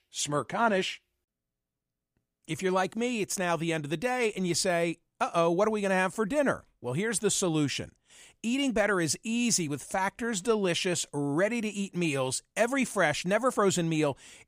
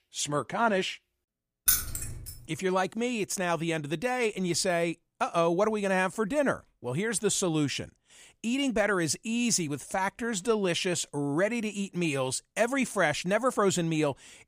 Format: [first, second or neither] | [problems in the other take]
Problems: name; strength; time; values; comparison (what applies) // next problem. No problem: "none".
first | jangling keys; loud; at 1.5 s; peak 4 dB above the speech